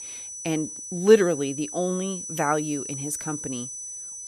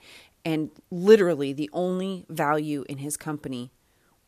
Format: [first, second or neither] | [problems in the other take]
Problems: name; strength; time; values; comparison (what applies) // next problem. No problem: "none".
second | high-pitched whine; loud; throughout; 6 kHz, 8 dB below the speech